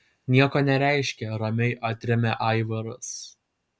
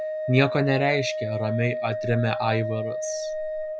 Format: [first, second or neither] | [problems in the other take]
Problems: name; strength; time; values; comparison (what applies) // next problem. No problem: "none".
first | background sound (Organ); 4 dB below the speech